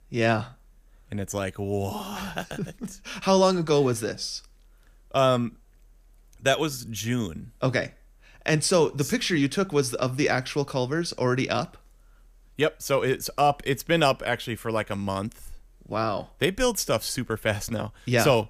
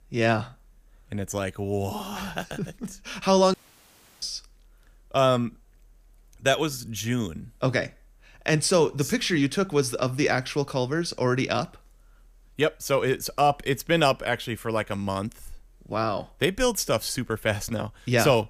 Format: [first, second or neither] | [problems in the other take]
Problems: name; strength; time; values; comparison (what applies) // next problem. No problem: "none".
first | audio cutting out; at 3.5 s for 0.5 s